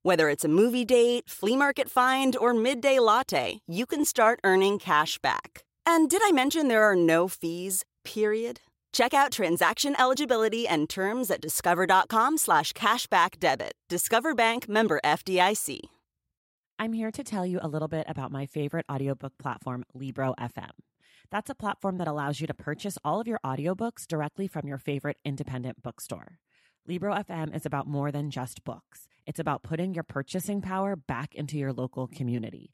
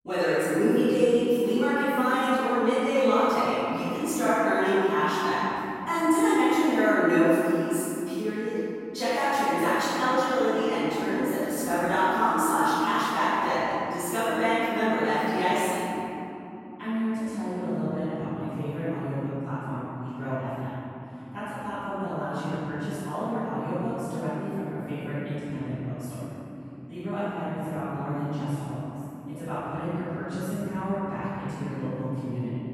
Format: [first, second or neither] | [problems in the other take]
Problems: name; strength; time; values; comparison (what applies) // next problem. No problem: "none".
first | off-mic speech; far // room echo; strong; dies away in 3 s